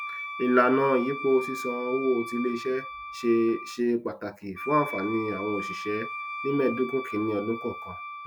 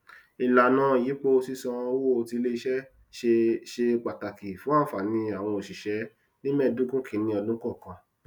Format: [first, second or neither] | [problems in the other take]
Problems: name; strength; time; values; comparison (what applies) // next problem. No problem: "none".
second | background sound (Wind instrument, woodwind instrument); 10 dB below the speech